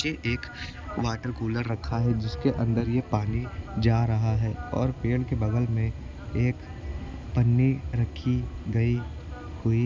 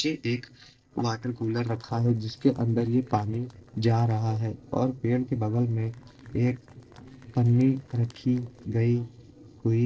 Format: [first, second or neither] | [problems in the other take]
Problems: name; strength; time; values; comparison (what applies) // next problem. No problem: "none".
first | noise reduction (neural separator model SepFormer DNS4)